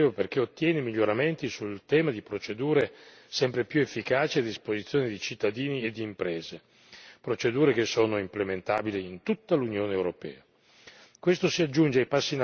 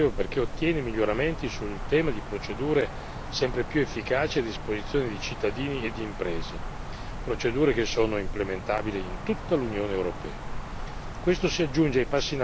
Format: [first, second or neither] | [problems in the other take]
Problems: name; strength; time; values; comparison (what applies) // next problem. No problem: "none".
first | background sound (Wind); 6 dB below the speech